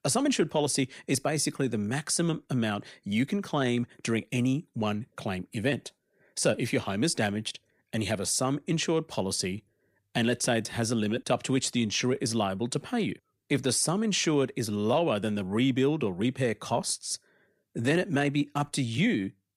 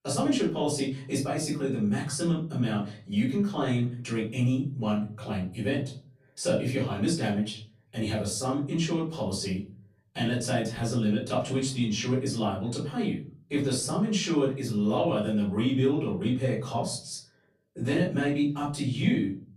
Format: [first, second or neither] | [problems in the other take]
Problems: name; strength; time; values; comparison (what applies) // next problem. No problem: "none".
first | off-mic speech; far // room echo; slight; dies away in 0.5 s